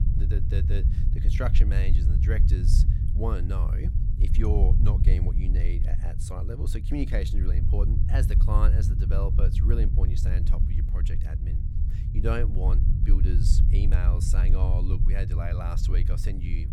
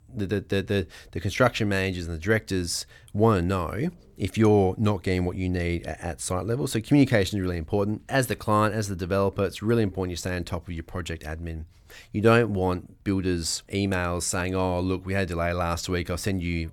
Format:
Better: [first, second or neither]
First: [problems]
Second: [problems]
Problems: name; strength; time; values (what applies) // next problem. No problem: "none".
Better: second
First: low rumble; loud; throughout; 4 dB below the speech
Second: none